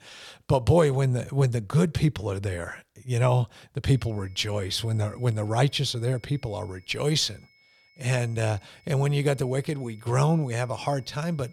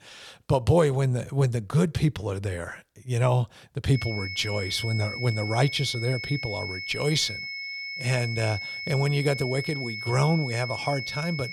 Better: first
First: high-pitched whine; faint; from 4 s on; 2 kHz, 30 dB below the speech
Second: high-pitched whine; loud; from 4 s on; 2 kHz, 6 dB below the speech

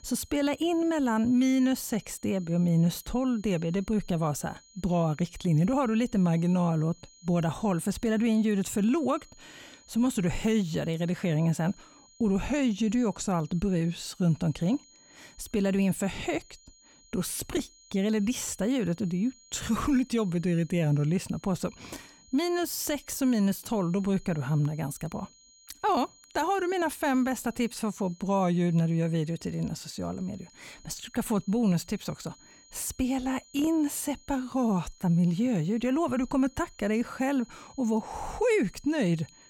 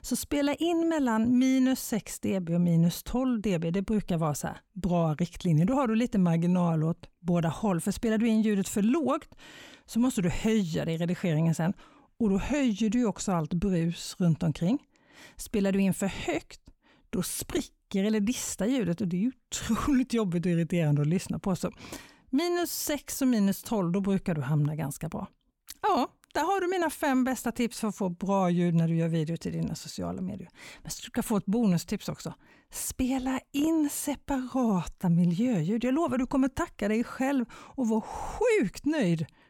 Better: second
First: high-pitched whine; faint; throughout; 7 kHz, 25 dB below the speech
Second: none

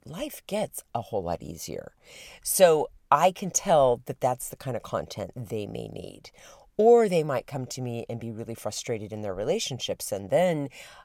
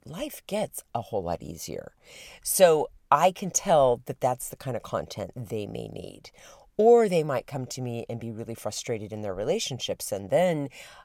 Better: neither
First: none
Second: none

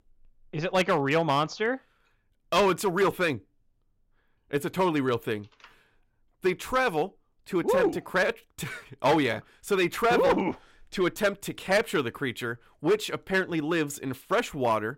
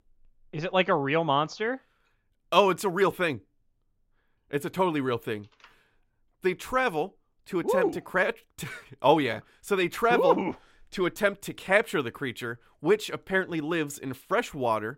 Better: second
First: distortion; slight; 4% of the sound clipped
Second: none

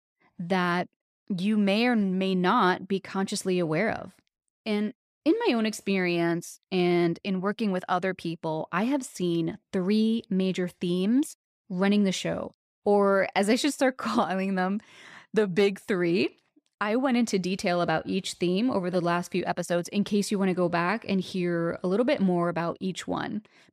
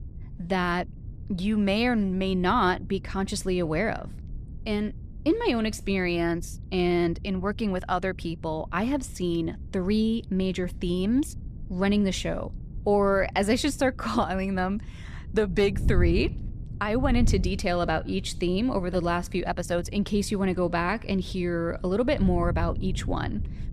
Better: first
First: none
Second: wind noise on the microphone; occasional gusts; 20 dB below the speech

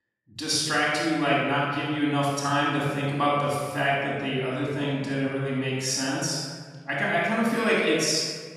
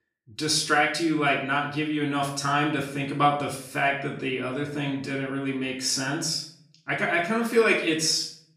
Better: second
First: room echo; strong; dies away in 1.7 s // off-mic speech; far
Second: room echo; slight; dies away in 0.5 s // off-mic speech; far

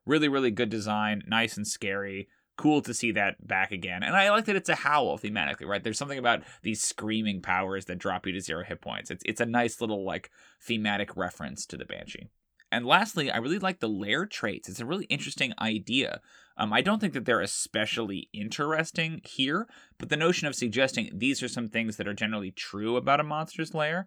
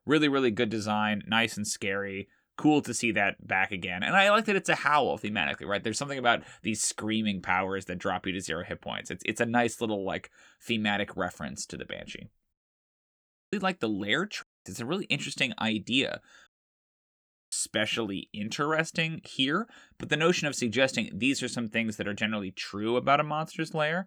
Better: first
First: none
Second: audio cutting out; at 13 s for 1 s, at 14 s and at 16 s for 1 s

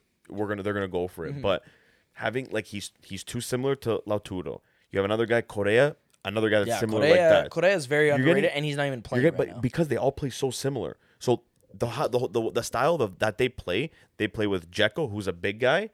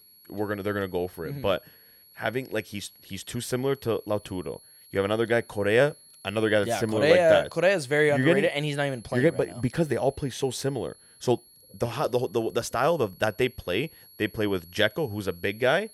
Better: first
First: none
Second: high-pitched whine; faint; throughout; 11 kHz, 25 dB below the speech

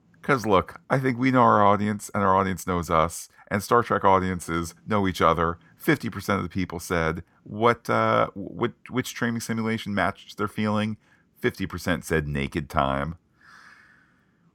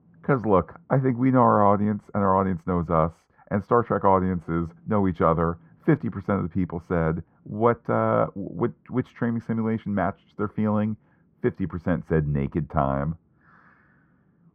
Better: first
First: none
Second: muffled; very; fading above 3 kHz

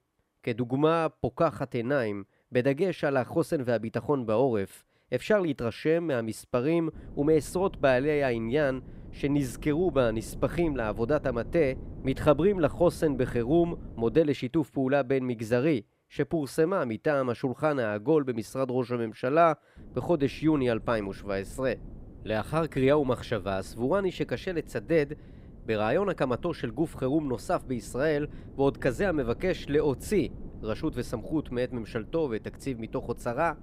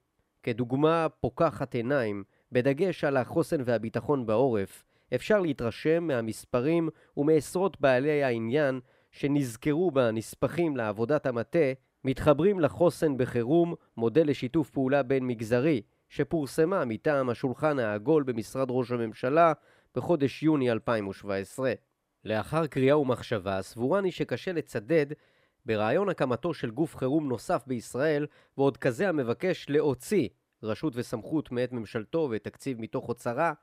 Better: second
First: wind noise on the microphone; occasional gusts; from 7 to 14 s and from 20 s on; 25 dB below the speech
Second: none

